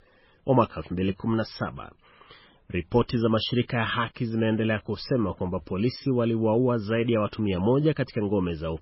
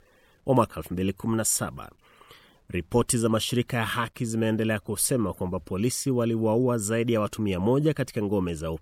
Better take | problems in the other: second | garbled, watery; badly; nothing above 5.5 kHz

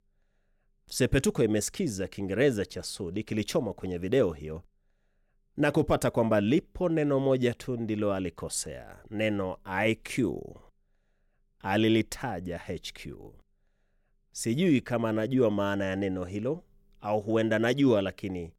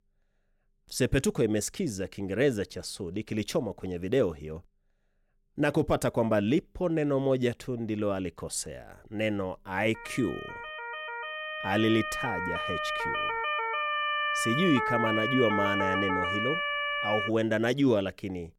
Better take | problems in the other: first | siren; loud; from 10 to 17 s; peak 2 dB above the speech

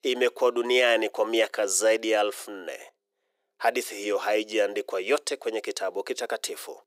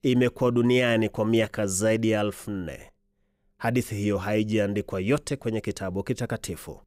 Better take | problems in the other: second | thin; very; fading below 400 Hz

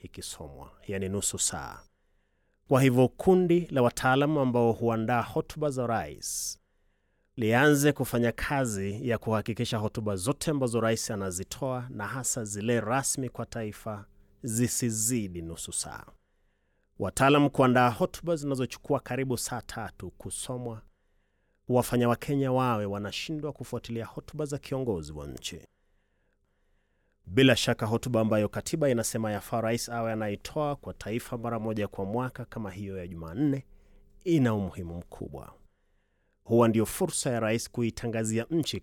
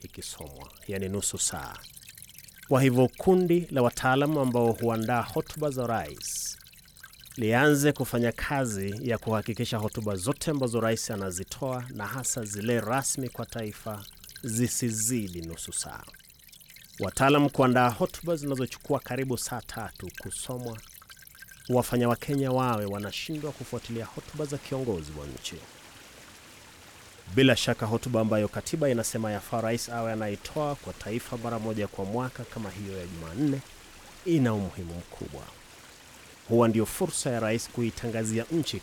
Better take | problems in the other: first | rain or running water; noticeable; throughout; 20 dB below the speech

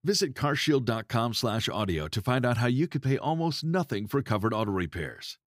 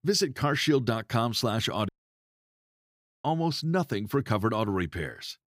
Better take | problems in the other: first | audio cutting out; at 2 s for 1.5 s

